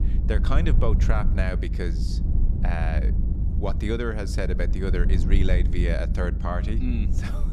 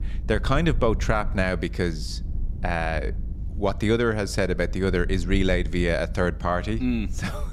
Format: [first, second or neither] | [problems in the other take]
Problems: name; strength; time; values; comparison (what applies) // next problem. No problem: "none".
second | low rumble; loud; throughout; 8 dB below the speech; faint in the second